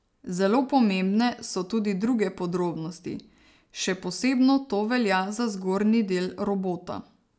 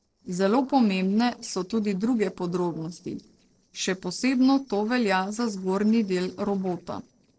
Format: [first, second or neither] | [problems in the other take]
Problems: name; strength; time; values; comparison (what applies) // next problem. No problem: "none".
first | noise reduction (neural separator model SepFormer DNS4)